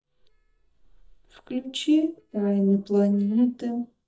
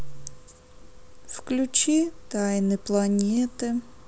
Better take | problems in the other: second | noise reduction (neural mask model DeepFilterNet 3)

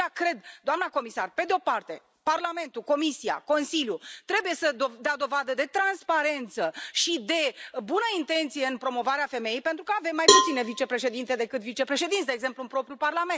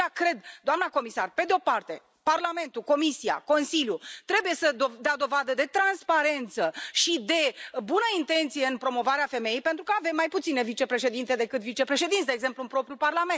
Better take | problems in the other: second | background sound (Cowbell); 3 dB above the speech

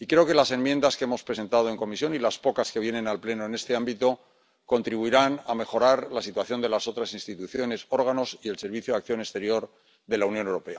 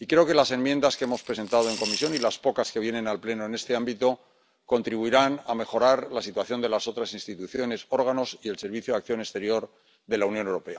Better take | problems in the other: first | background sound (Coin (dropping) / Glass); 10 dB below the speech

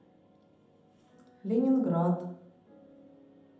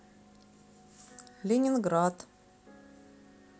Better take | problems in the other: second | room echo; dies away in 0.8 s

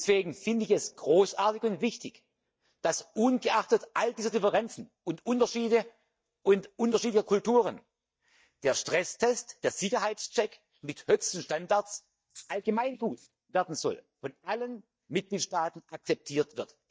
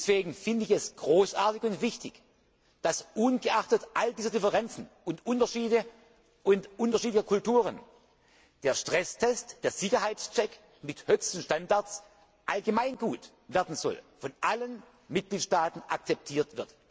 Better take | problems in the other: second | noise reduction (neural mask model DeepFilterNet 3)

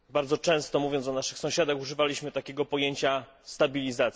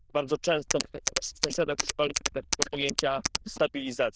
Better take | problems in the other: first | noise reduction (neural diffusion model UNIVERSE++)

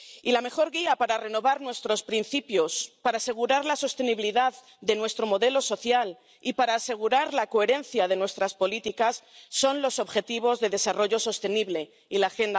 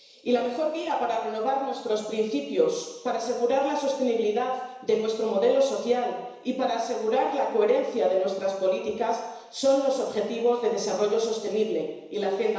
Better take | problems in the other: first | room echo; dies away in 1 s

